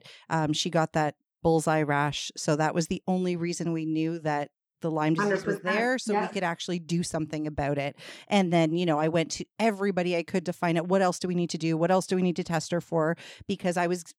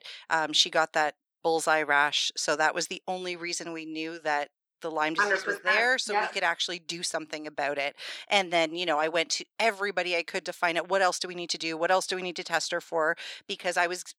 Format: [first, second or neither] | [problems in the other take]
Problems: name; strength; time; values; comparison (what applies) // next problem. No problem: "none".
first | thin; very; fading below 550 Hz